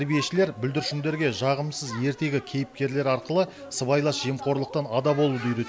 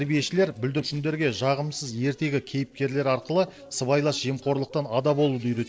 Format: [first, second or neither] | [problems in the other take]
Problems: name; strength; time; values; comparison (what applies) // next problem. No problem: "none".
first | noise reduction (neural separator model SepFormer DNS4)